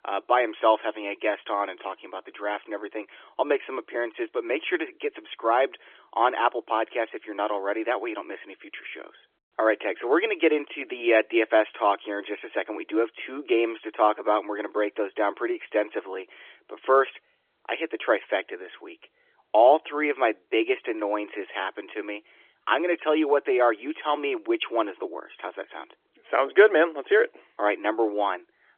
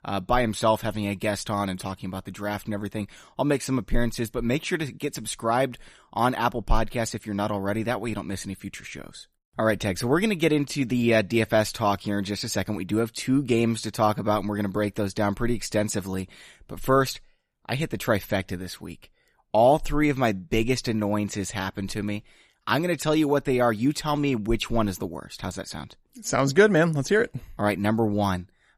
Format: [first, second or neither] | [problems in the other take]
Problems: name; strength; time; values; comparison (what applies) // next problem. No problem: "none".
second | phone-call audio; nothing above 3.5 kHz